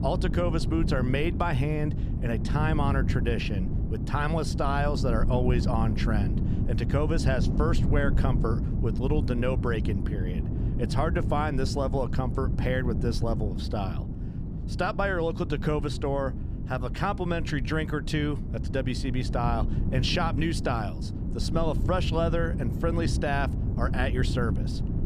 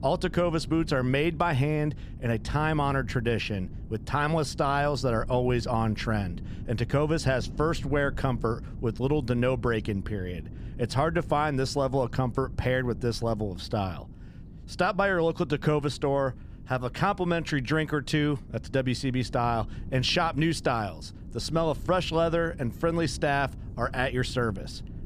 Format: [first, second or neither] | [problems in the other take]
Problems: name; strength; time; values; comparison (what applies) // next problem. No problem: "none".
second | wind noise on the microphone; heavy; 9 dB below the speech; occasional gusts in the second